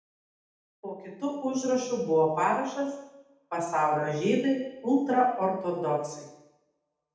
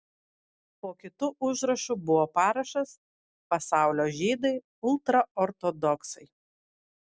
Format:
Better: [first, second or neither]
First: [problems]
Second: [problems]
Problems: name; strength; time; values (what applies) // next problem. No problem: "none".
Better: second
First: room echo; dies away in 0.8 s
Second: none